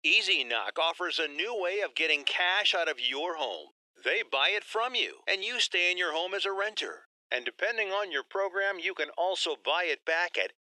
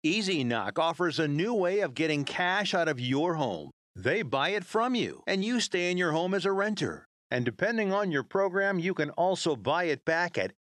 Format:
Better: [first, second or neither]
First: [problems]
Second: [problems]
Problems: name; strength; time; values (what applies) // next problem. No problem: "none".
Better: second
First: thin; very; fading below 400 Hz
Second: none